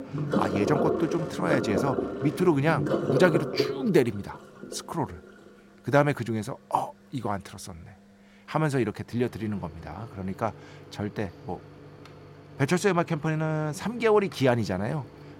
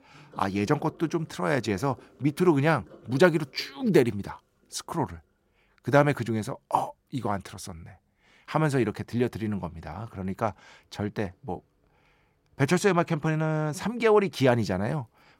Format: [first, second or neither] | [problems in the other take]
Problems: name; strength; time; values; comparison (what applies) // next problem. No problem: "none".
second | household noises; loud; throughout; 2 dB below the speech; faint in the second